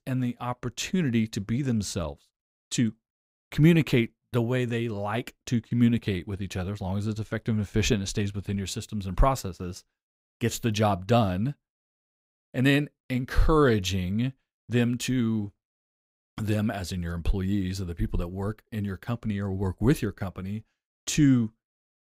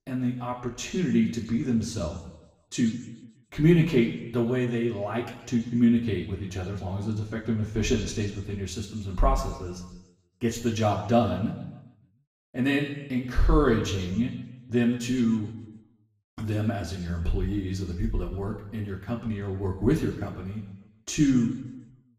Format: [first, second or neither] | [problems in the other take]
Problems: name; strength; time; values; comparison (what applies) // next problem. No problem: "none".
first | room echo; noticeable; dies away in 1 s // off-mic speech; far